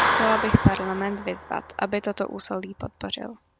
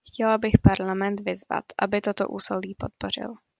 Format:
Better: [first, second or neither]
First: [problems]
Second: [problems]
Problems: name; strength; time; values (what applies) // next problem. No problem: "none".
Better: second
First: background sound (Clapping); 3 dB below the speech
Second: none